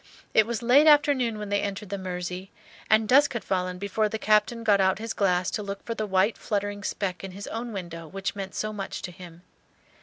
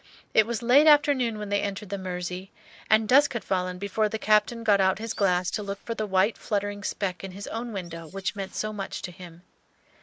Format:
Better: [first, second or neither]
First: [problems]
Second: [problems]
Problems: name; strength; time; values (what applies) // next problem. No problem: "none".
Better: first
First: none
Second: noise reduction (neural mask model Resemble Enhance denoiser)